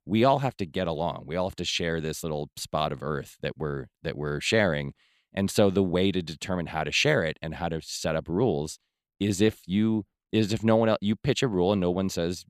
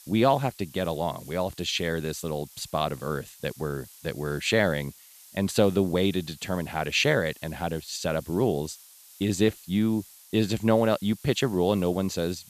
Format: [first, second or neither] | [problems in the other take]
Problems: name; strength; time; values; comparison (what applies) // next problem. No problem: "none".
first | hiss; faint; throughout; 20 dB below the speech